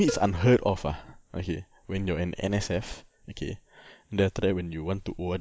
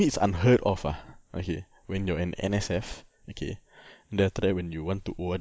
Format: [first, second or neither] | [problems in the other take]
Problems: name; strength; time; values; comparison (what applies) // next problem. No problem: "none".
second | background sound (Cowbell); 14 dB below the speech